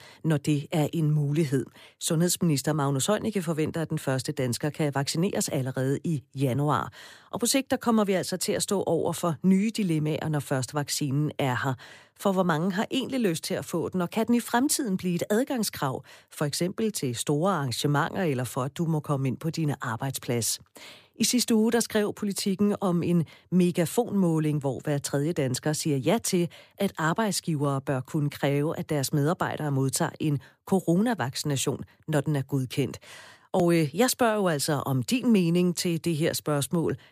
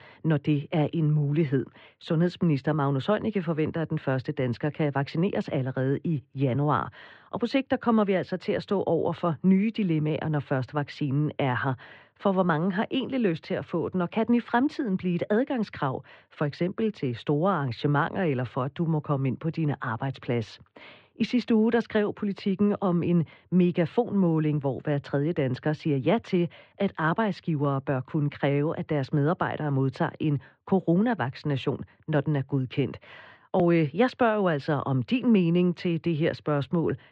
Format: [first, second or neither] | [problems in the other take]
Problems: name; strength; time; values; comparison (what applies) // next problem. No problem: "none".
first | muffled; very; fading above 3 kHz